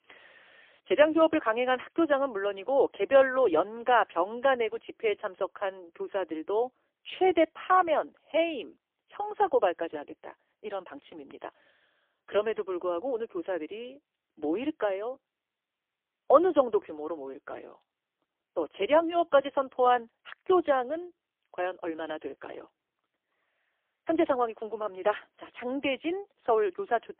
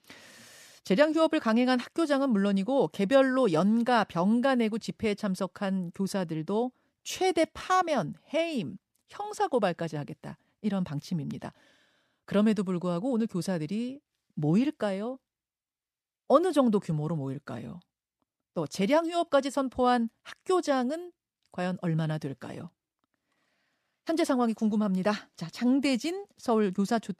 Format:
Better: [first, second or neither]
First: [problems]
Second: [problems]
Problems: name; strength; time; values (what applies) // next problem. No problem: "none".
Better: second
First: phone-call audio; poor line; nothing above 3 kHz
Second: none